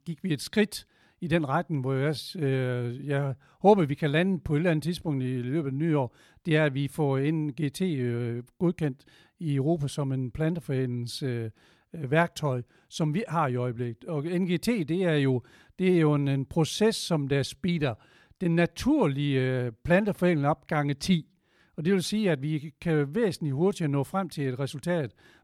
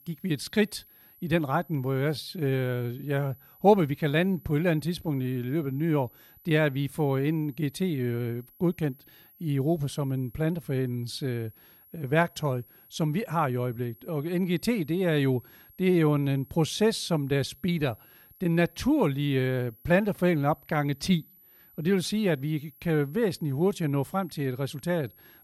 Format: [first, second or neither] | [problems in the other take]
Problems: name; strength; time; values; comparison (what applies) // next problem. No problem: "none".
first | high-pitched whine; faint; throughout; 12 kHz, 25 dB below the speech